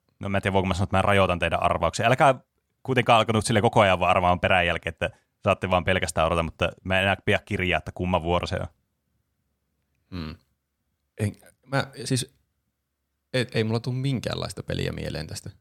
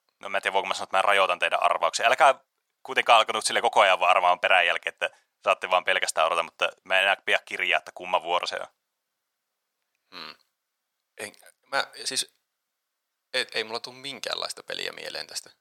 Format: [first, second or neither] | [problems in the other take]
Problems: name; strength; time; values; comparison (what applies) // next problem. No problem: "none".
first | thin; very; fading below 800 Hz